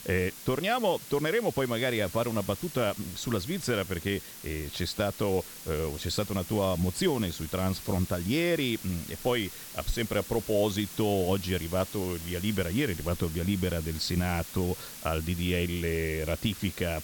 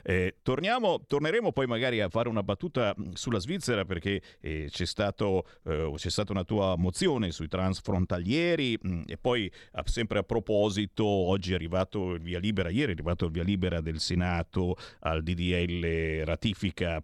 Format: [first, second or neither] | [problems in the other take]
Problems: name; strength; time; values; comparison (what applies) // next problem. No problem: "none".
second | hiss; noticeable; throughout; 10 dB below the speech